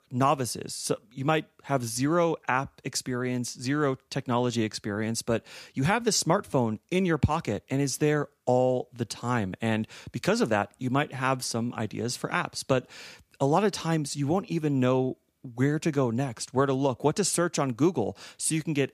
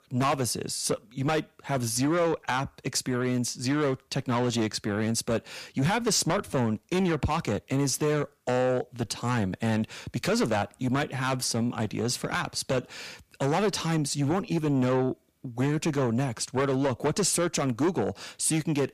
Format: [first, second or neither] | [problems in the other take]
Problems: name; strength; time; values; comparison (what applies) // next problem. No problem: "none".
first | distortion; heavy; 7 dB below the speech